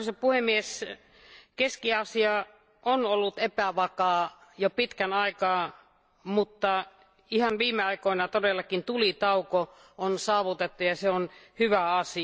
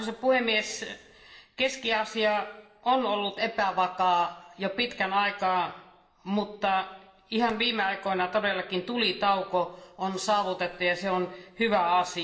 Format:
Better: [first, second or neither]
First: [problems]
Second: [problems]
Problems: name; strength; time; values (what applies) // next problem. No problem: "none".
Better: first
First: none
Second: room echo; dies away in 0.8 s